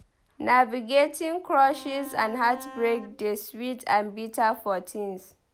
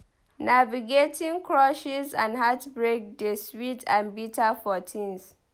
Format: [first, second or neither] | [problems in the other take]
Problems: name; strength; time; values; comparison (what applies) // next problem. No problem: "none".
second | background sound (Bowed string instrument); 17 dB below the speech